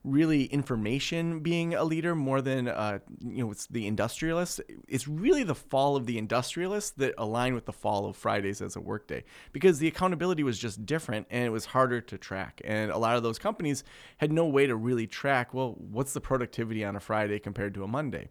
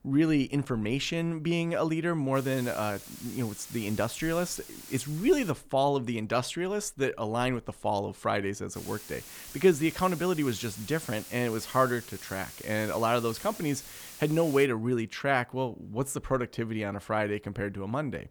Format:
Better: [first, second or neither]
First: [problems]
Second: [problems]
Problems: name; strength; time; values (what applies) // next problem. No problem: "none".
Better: first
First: none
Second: hiss; noticeable; from 2.5 to 5.5 s and from 8.5 to 15 s; 15 dB below the speech